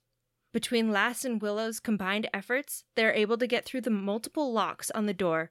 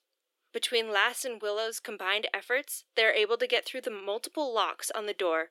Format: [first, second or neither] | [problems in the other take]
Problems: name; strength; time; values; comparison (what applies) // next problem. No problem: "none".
first | thin; very; fading below 350 Hz